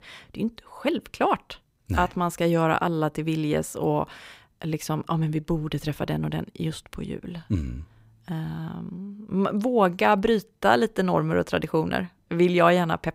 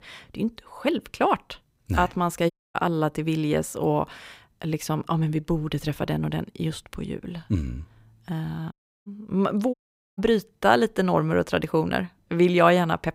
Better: first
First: none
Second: audio cutting out; at 2.5 s, at 8.5 s and at 9.5 s

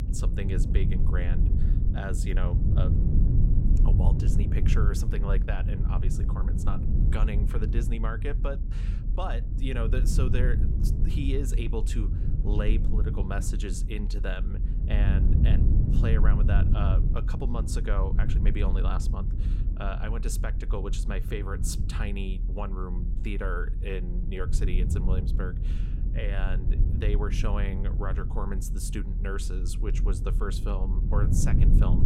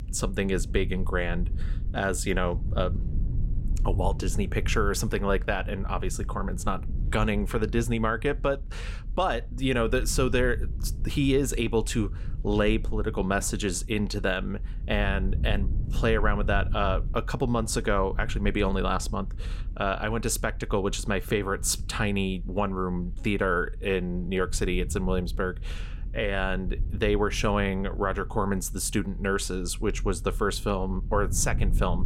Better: second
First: low rumble; loud; throughout; 5 dB below the speech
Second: low rumble; faint; throughout; 20 dB below the speech

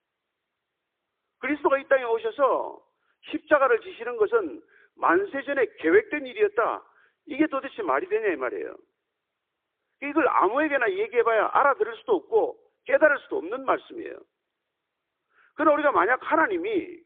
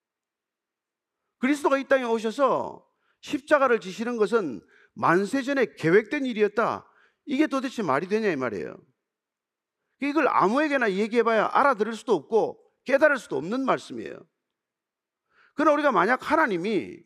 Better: second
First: phone-call audio; poor line; nothing above 3.5 kHz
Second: none

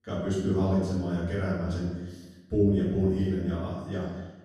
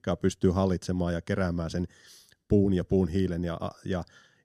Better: second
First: room echo; strong; dies away in 0.9 s // off-mic speech; far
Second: none

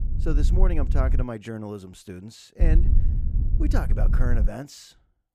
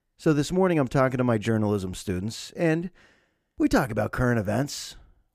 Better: second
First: wind noise on the microphone; heavy; until 1 s and from 2.5 to 4.5 s; 8 dB below the speech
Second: none

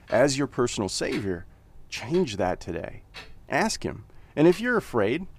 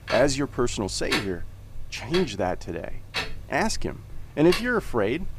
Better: first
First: household noises; faint; throughout; 20 dB below the speech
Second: household noises; loud; throughout; 7 dB below the speech

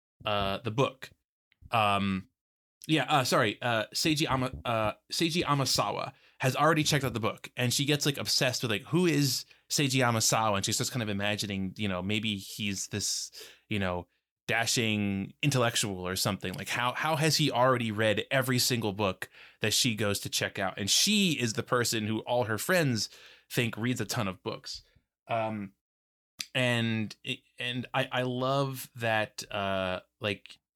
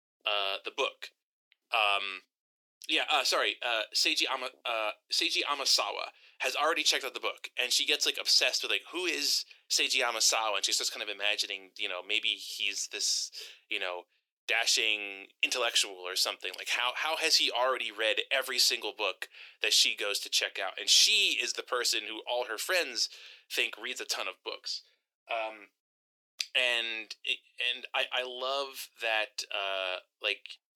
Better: first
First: none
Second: thin; very; fading below 350 Hz

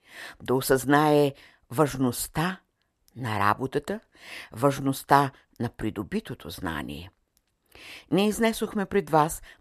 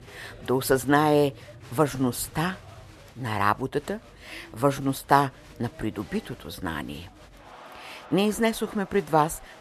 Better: first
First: none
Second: crowd noise; faint; throughout; 20 dB below the speech

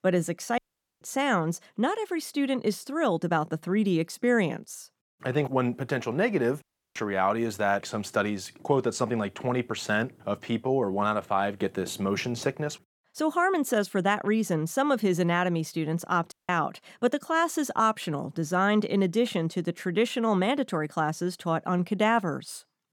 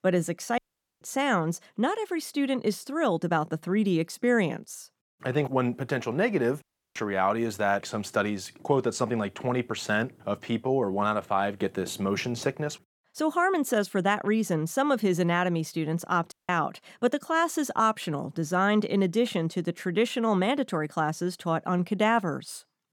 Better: neither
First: audio cutting out; at 0.5 s, at 6.5 s and at 16 s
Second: audio cutting out; at 0.5 s, at 6.5 s and at 16 s

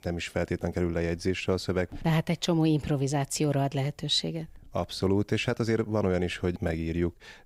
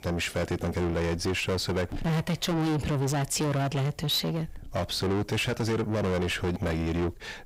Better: first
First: none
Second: distortion; heavy; 6 dB below the speech

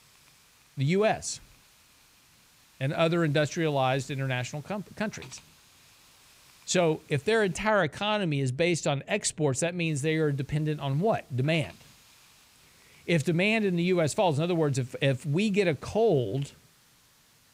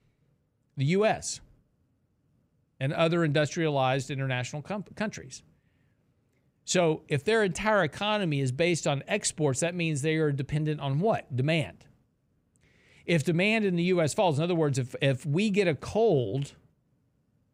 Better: second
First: hiss; faint; until 7.5 s and from 10 s on; 30 dB below the speech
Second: none

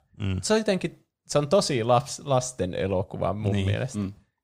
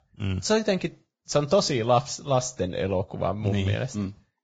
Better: first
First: none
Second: garbled, watery; badly; nothing above 7.5 kHz

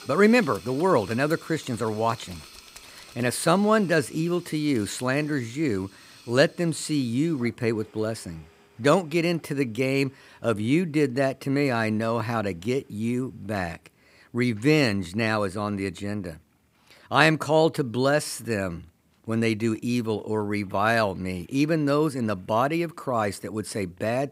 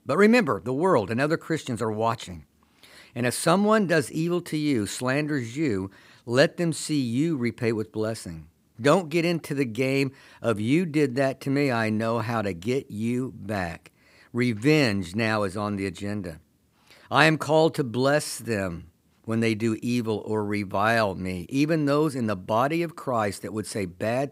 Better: second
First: household noises; faint; throughout; 25 dB below the speech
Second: none

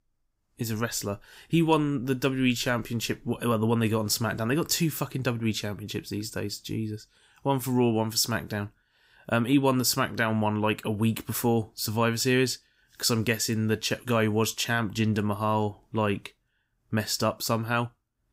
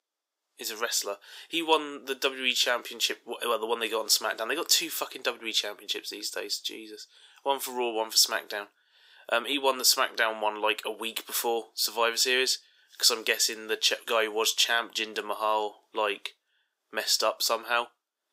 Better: first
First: none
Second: thin; very; fading below 400 Hz

